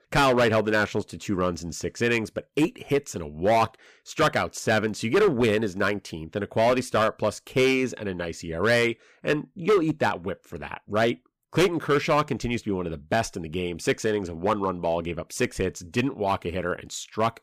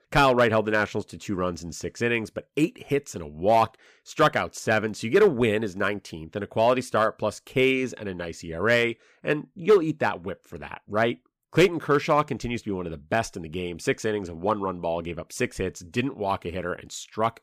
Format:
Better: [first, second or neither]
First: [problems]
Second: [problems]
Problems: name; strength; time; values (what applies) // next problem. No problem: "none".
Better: second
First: distortion; slight; 5% of the sound clipped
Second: none